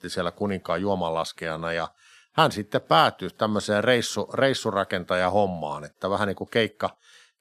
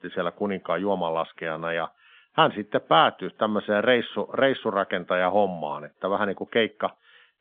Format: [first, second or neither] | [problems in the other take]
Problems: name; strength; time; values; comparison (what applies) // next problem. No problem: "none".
first | phone-call audio; nothing above 3.5 kHz